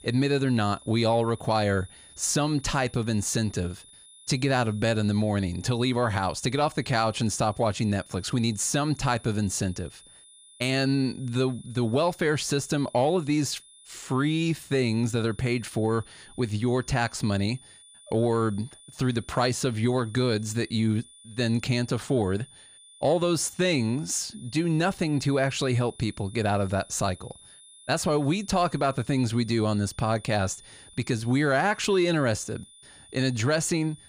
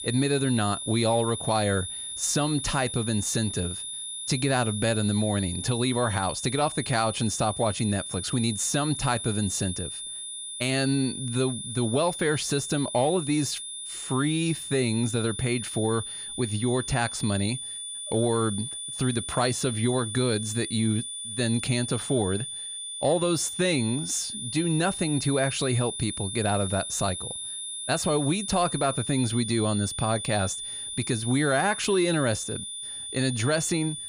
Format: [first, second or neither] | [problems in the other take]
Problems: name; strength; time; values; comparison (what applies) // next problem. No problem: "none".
first | high-pitched whine; loud; throughout; 10 kHz, 6 dB below the speech; faint in the first